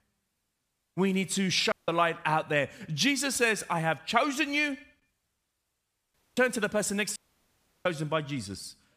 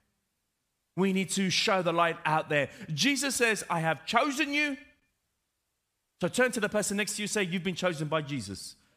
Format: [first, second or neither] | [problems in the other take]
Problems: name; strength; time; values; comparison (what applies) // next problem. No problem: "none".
second | audio cutting out; at 1.5 s, at 6 s and at 7 s for 0.5 s